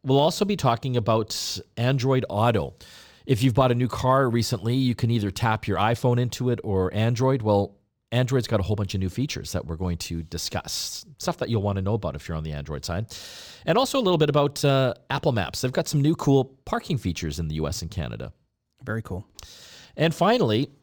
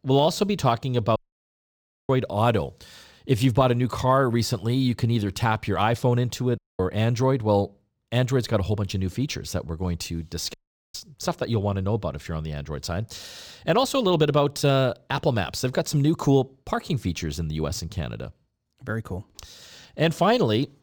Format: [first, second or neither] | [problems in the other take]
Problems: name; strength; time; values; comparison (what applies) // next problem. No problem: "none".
first | audio cutting out; at 1 s for 1 s, at 6.5 s and at 11 s